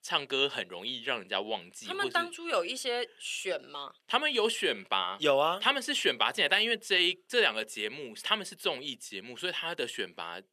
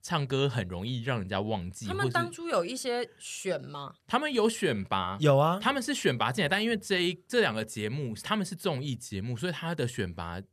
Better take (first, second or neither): second